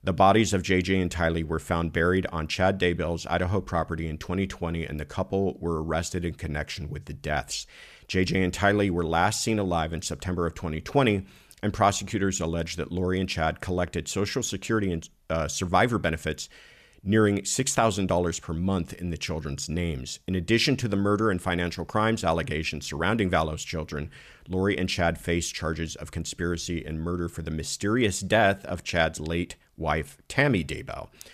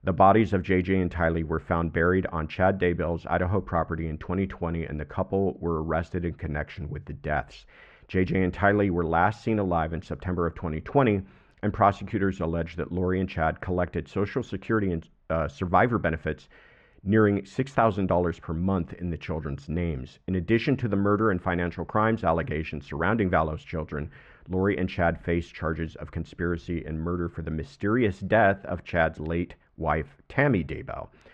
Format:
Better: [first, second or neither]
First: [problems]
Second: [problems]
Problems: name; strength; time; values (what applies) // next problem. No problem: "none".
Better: first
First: none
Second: muffled; very; fading above 1.5 kHz